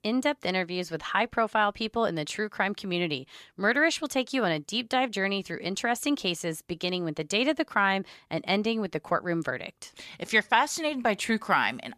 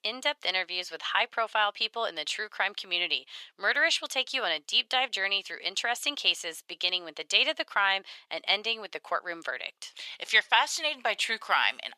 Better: first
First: none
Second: thin; very; fading below 650 Hz

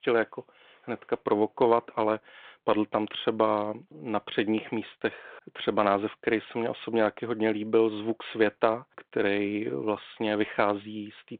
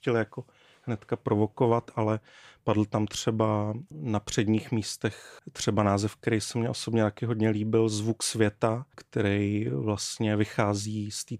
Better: second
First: phone-call audio; nothing above 3.5 kHz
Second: none

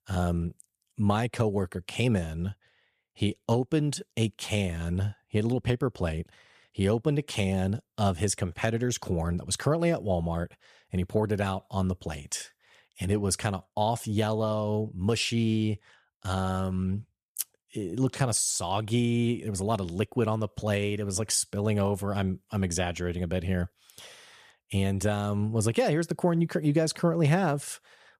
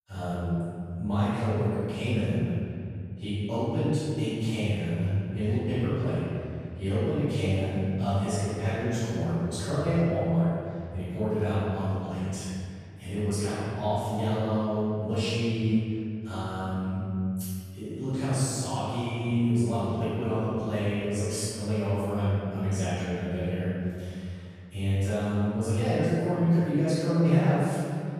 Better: first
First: none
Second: room echo; strong; dies away in 2.3 s // off-mic speech; far

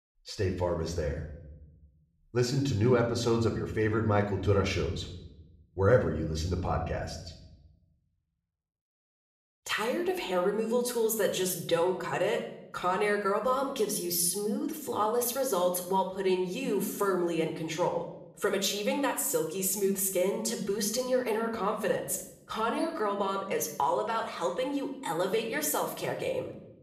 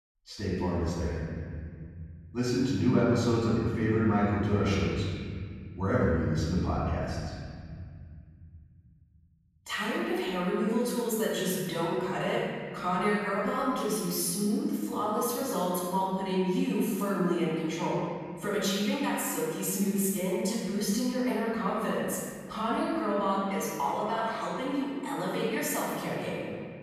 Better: first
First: room echo; slight; dies away in 0.7 s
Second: room echo; strong; dies away in 2.6 s // off-mic speech; far

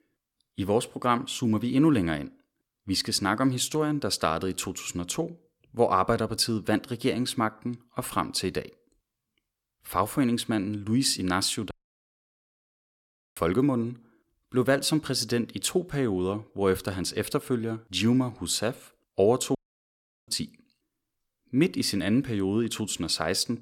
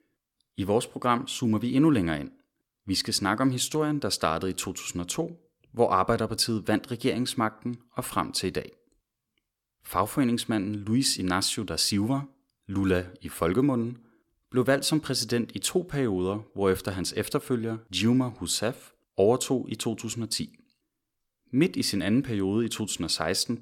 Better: second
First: audio cutting out; at 12 s for 1.5 s and at 20 s for 0.5 s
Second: none

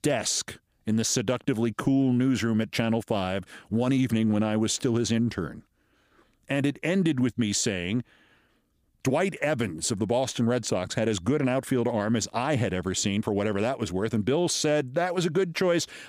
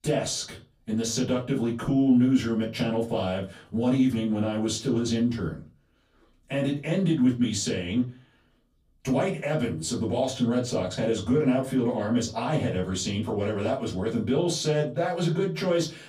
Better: first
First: none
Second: off-mic speech; far // room echo; very slight; dies away in 0.3 s

